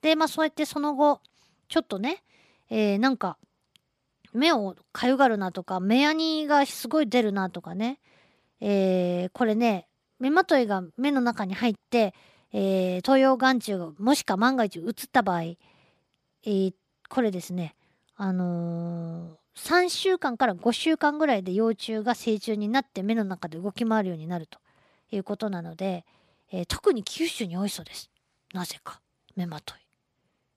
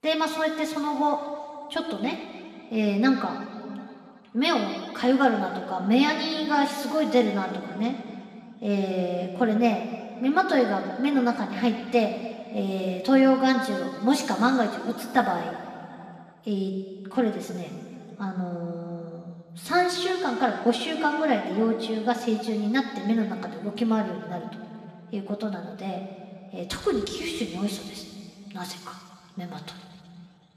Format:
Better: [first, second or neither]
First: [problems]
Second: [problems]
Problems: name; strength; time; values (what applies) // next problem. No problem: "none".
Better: first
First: none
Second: room echo; noticeable; dies away in 2.4 s // off-mic speech; somewhat distant